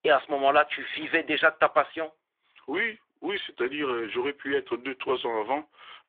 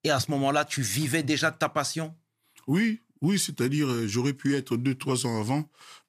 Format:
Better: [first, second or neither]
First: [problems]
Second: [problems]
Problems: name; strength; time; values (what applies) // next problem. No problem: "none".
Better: second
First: phone-call audio; nothing above 3.5 kHz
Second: none